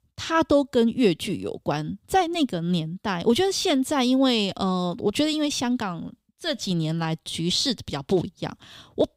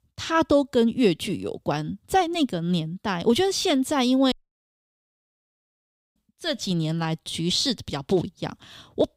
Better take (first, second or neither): first